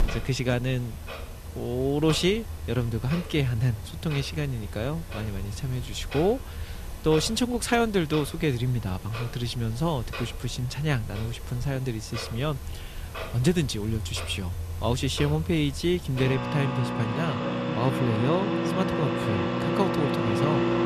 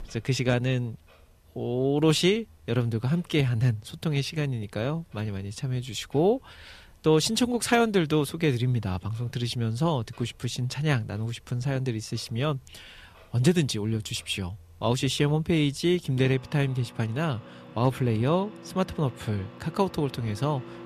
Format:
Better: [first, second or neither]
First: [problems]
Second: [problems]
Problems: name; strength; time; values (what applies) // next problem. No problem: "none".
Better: second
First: household noises; loud; throughout; 5 dB below the speech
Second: household noises; faint; throughout; 25 dB below the speech